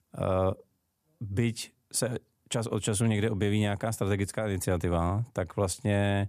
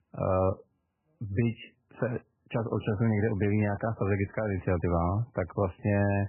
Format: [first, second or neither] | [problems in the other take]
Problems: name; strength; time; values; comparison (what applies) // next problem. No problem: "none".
first | garbled, watery; badly; nothing above 3 kHz